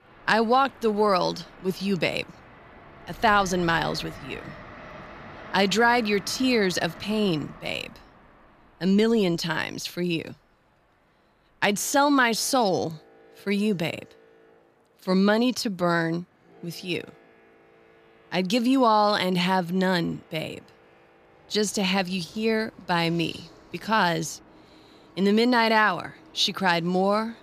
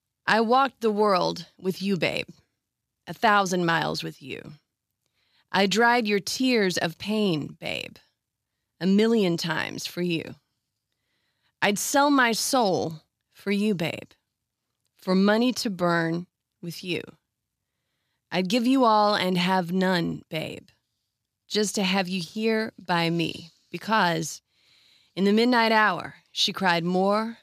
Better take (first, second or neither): second